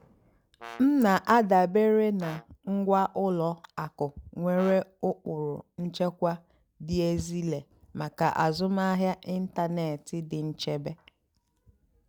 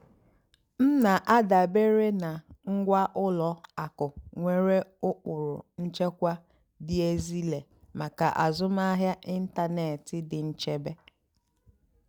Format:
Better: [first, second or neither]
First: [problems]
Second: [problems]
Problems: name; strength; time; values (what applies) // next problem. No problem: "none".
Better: second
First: background sound (Brass instrument); 19 dB below the speech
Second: none